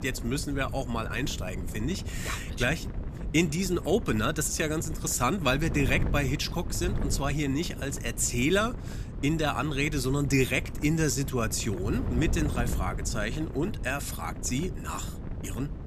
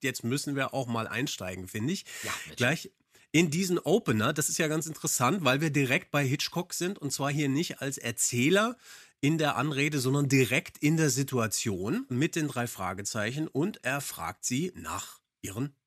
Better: second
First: wind noise on the microphone; occasional gusts; 15 dB below the speech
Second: none

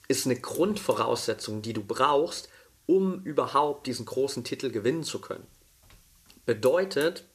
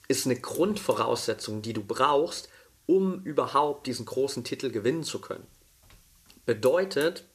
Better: neither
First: hiss; faint; throughout; 25 dB below the speech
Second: hiss; faint; throughout; 25 dB below the speech

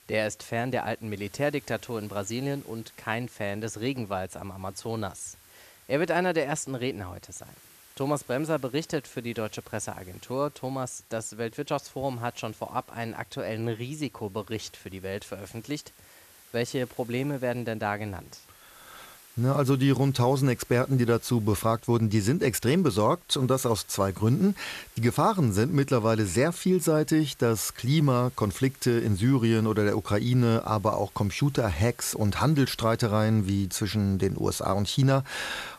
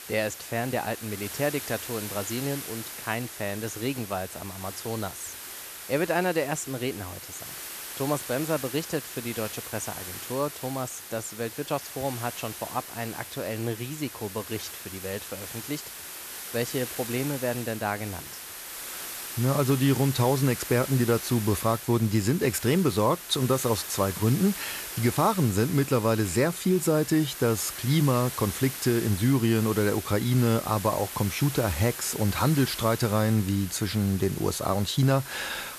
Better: first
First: hiss; faint; throughout; 25 dB below the speech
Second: hiss; loud; throughout; 9 dB below the speech

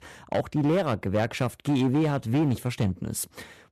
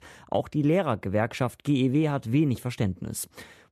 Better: second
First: distortion; slight; 9% of the sound clipped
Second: none

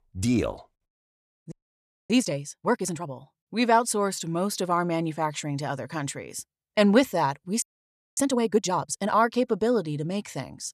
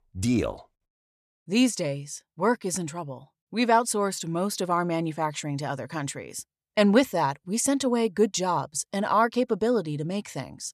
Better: second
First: audio freezing; at 1.5 s for 0.5 s and at 7.5 s for 0.5 s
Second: none

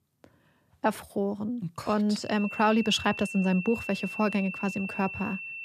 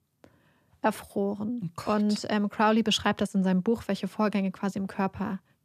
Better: second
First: high-pitched whine; loud; from 2.5 s on; 2.5 kHz, 8 dB below the speech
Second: none

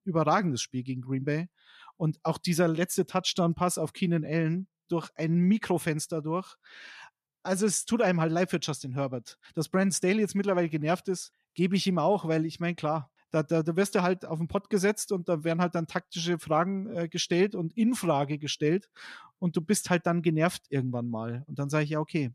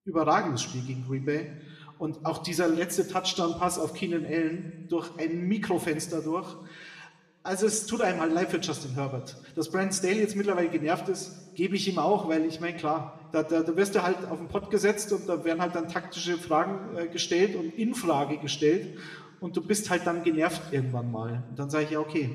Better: first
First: none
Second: room echo; very slight; dies away in 1.3 s

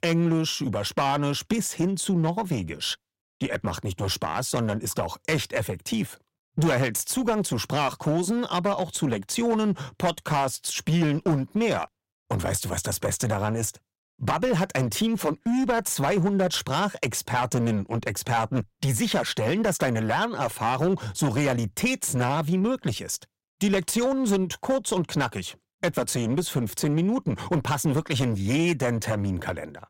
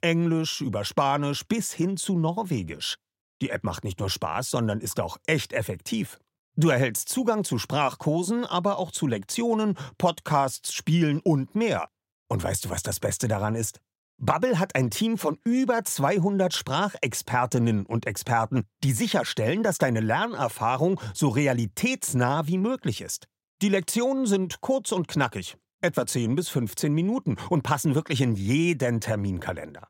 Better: second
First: distortion; slight; 10% of the sound clipped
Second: none

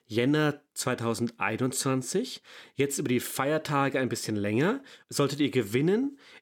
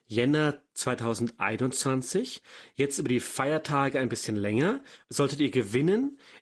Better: first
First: none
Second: garbled, watery; slightly; nothing above 15.5 kHz

